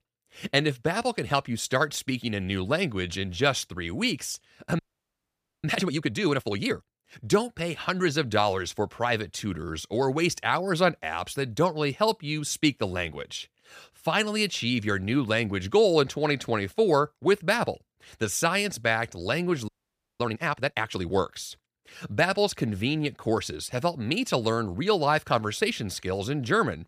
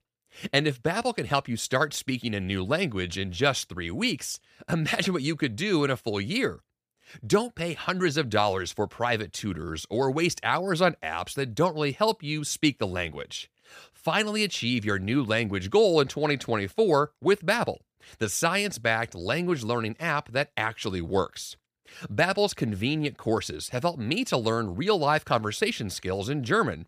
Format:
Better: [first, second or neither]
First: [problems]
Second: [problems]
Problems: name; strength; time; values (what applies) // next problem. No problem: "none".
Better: second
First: audio freezing; at 5 s for 1 s and at 20 s for 0.5 s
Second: none